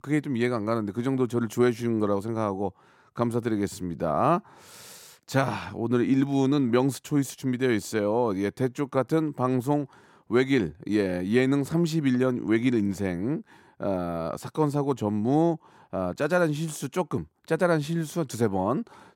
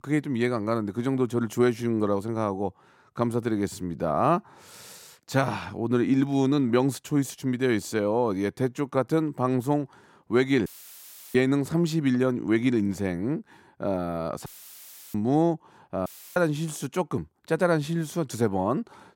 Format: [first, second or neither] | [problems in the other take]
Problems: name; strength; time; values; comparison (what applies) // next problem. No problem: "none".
first | audio cutting out; filled with static; at 11 s for 0.5 s, at 14 s for 0.5 s and at 16 s